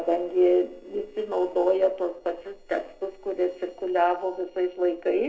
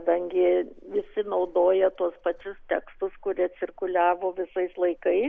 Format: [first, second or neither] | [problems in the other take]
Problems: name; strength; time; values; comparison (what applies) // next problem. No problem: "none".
second | noise reduction (neural separator model SepFormer DNS4)